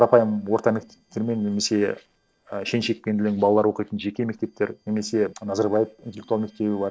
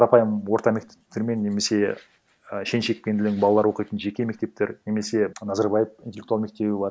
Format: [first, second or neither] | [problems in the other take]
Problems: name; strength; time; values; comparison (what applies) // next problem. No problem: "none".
second | noise reduction (neural separator model SepFormer DNS4)